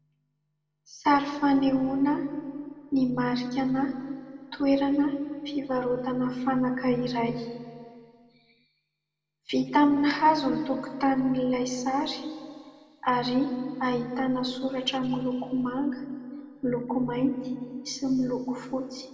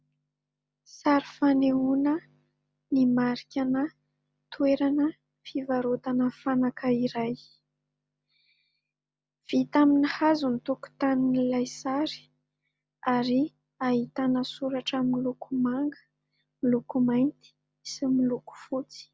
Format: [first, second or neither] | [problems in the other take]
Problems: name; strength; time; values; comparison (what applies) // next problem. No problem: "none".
second | room echo; dies away in 1.9 s